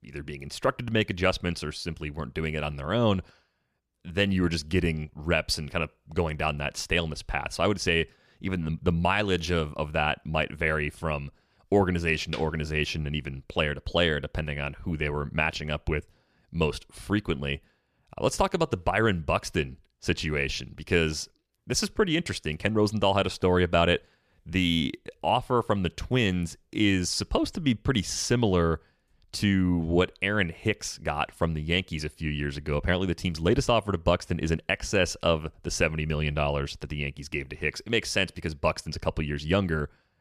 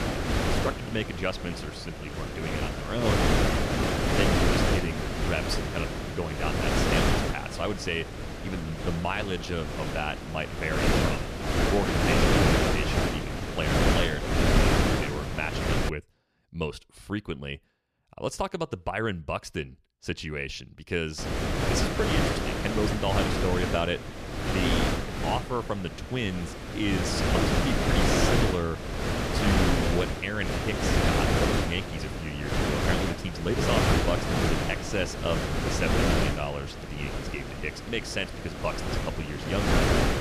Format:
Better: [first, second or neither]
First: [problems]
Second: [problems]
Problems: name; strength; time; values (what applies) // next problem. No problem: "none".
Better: first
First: none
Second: wind noise on the microphone; heavy; until 16 s and from 21 s on; 4 dB above the speech